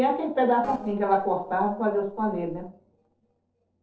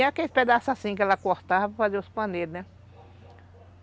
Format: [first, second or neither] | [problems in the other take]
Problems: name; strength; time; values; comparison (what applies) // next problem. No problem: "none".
second | noise reduction (neural separator model SepFormer DNS4)